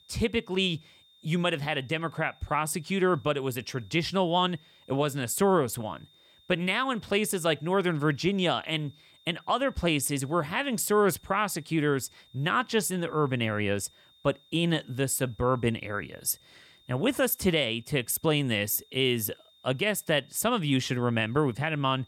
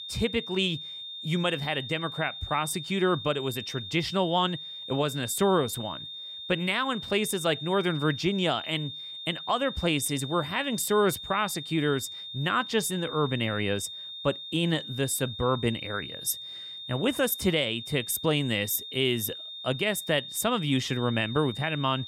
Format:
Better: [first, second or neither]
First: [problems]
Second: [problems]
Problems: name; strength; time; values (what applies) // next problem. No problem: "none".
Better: first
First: high-pitched whine; faint; throughout; 3.5 kHz, 30 dB below the speech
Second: high-pitched whine; loud; throughout; 3.5 kHz, 9 dB below the speech